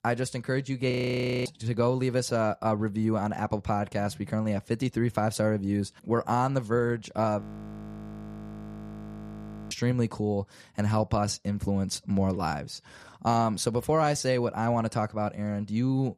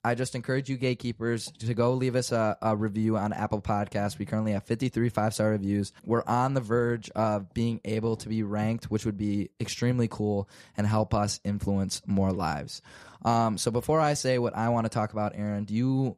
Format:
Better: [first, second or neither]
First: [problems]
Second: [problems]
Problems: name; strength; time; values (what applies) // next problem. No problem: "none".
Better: second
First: audio freezing; at 1 s for 0.5 s and at 7.5 s for 2.5 s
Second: none